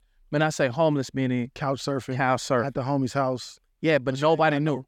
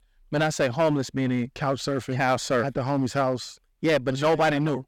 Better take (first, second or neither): first